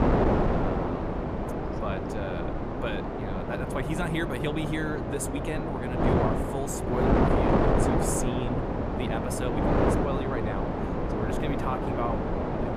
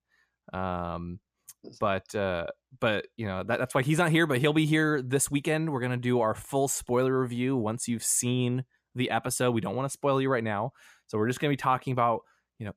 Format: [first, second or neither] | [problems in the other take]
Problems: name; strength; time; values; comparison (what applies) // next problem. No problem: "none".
second | wind noise on the microphone; heavy; 5 dB above the speech